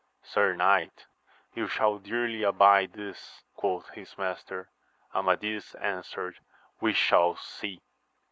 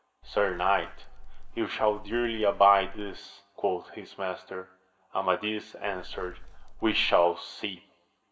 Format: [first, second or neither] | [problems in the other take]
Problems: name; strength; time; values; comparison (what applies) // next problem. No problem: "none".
first | background sound (Wind); 11 dB below the speech // room echo; dies away in 0.7 s